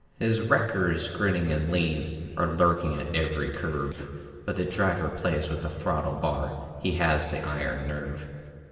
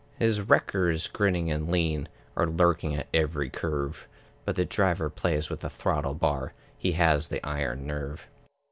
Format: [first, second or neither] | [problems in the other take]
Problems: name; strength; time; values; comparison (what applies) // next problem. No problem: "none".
second | noise reduction (neural separator model SepFormer DNS4)